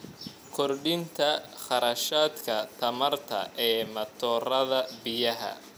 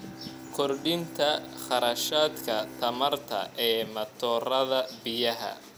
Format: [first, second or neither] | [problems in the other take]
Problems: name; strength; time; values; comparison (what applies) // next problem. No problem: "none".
first | background sound (Bowed string instrument); 17 dB below the speech